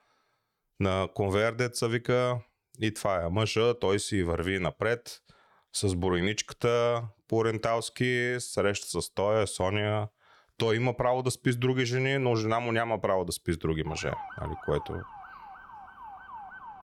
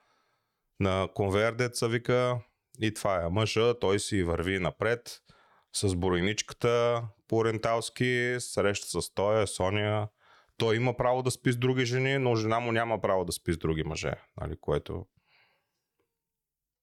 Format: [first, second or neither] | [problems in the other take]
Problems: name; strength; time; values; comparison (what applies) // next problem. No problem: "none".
second | siren; faint; from 14 s on; peak 10 dB below the speech